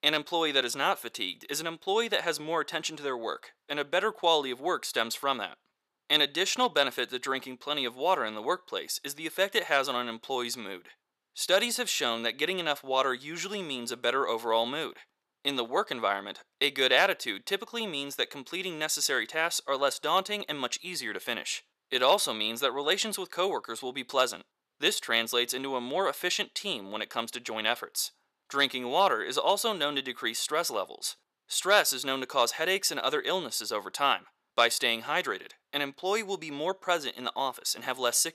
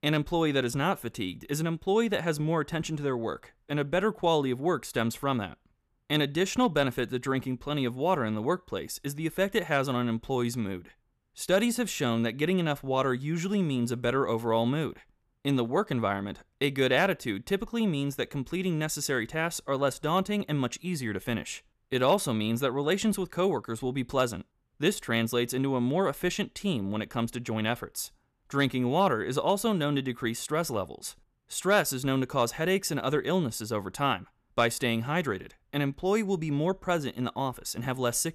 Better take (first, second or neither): second